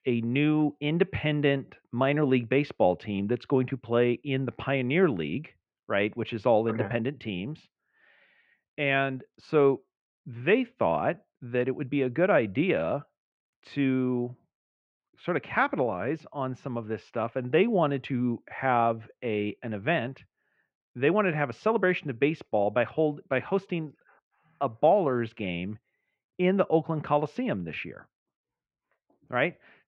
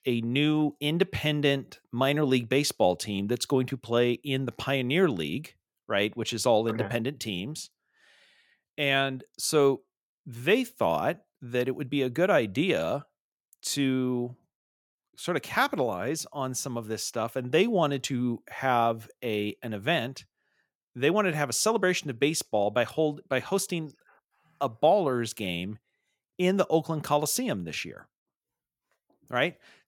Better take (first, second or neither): second